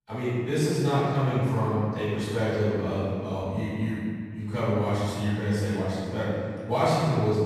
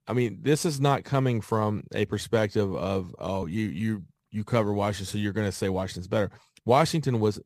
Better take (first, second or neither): second